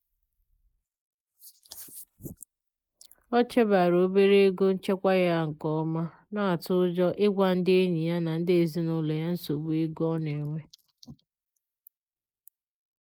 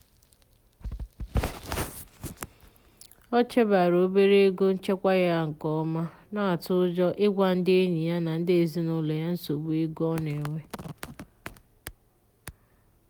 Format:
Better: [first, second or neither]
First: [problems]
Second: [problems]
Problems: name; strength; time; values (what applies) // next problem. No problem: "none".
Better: second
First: noise reduction (neural mask model Resemble Enhance denoiser)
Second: none